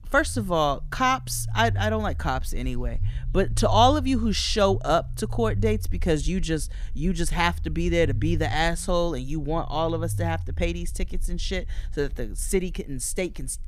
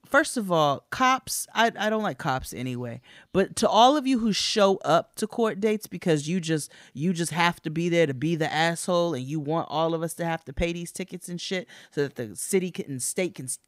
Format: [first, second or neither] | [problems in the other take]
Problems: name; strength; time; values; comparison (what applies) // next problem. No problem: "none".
second | low rumble; faint; throughout; 25 dB below the speech